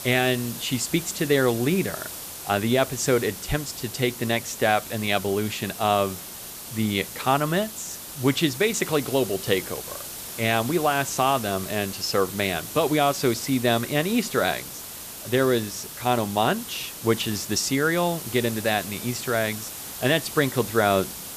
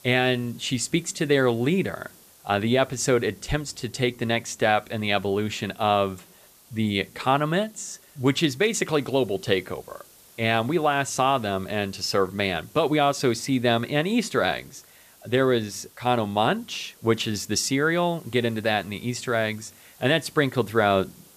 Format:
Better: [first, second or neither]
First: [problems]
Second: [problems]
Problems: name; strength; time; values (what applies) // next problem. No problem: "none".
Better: second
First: hiss; loud; throughout; 10 dB below the speech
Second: hiss; faint; throughout; 25 dB below the speech